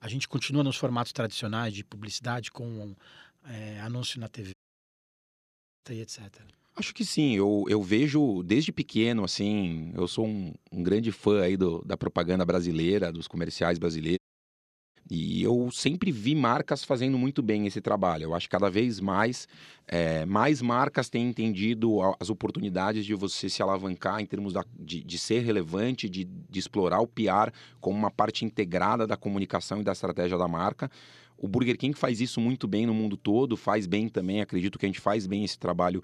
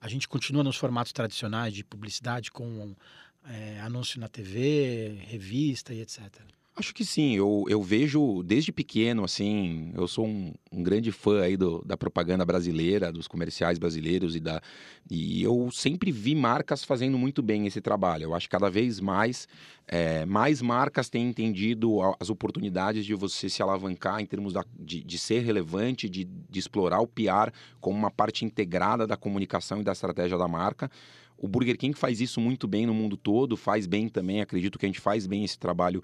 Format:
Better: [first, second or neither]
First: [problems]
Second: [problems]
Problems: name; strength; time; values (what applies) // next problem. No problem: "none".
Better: second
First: audio cutting out; at 4.5 s for 1.5 s and at 14 s for 1 s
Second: none